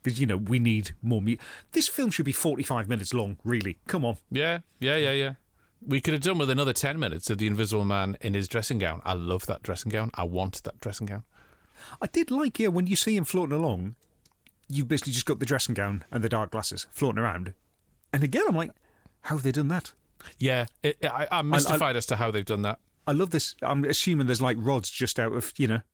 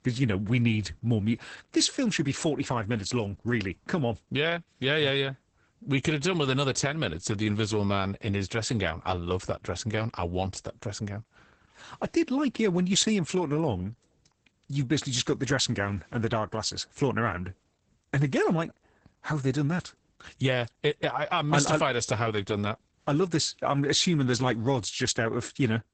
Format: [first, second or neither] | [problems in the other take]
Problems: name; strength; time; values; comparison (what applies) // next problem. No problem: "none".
first | garbled, watery; badly; nothing above 8 kHz; slightly in the first